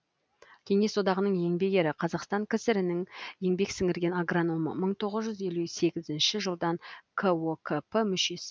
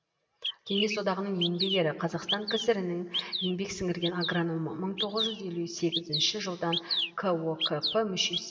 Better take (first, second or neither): first